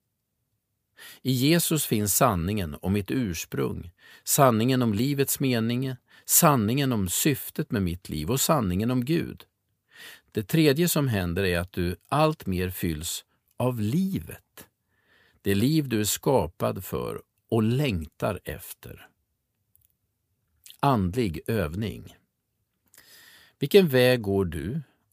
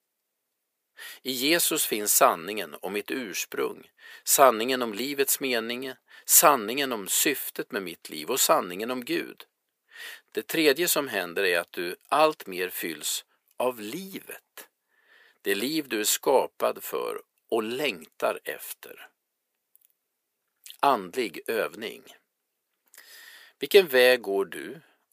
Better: first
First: none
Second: thin; very; fading below 400 Hz

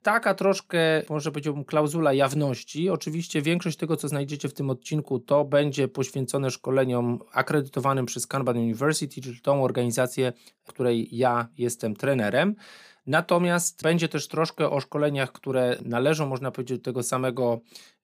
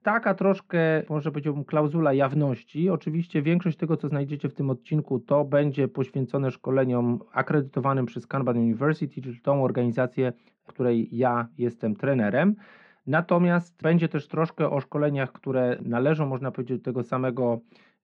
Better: first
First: none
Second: muffled; very; fading above 2.5 kHz

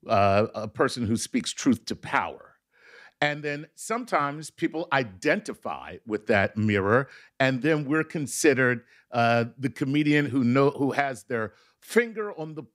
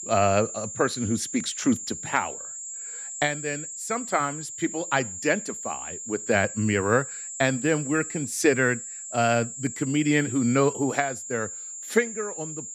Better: first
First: none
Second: high-pitched whine; loud; throughout; 7.5 kHz, 8 dB below the speech

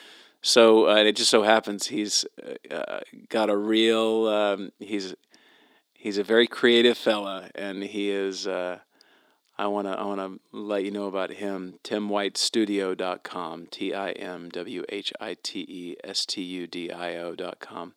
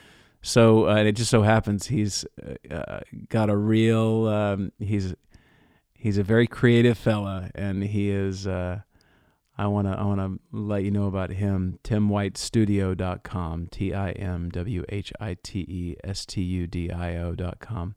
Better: second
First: thin; somewhat; fading below 300 Hz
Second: none

